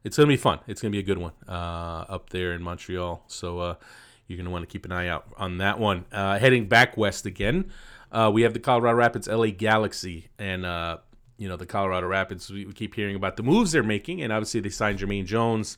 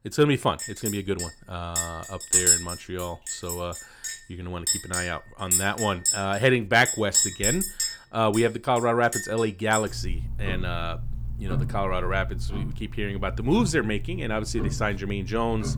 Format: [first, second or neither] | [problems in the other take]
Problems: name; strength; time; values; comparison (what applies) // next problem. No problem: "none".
first | household noises; loud; throughout; 1 dB below the speech